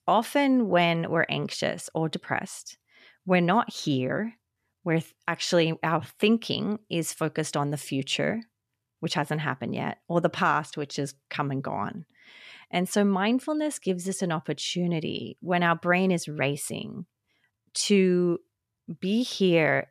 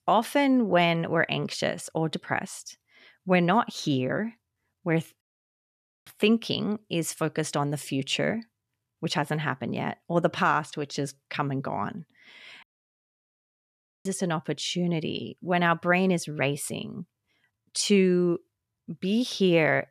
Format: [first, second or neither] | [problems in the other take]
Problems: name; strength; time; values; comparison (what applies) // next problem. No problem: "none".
first | audio cutting out; at 5 s for 1 s and at 13 s for 1.5 s